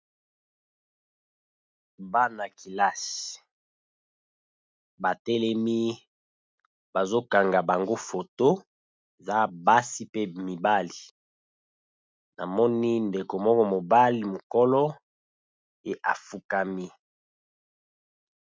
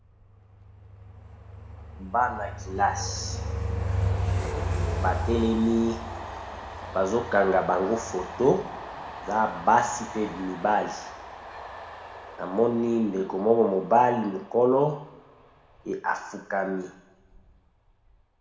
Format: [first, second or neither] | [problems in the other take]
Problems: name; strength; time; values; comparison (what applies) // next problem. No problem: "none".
first | background sound (Train); 7 dB below the speech // room echo; dies away in 0.8 s